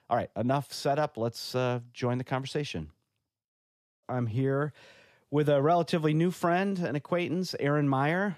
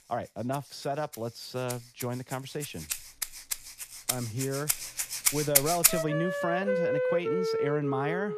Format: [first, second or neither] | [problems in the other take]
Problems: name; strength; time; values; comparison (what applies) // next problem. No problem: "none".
first | background music; very loud; throughout; 5 dB above the speech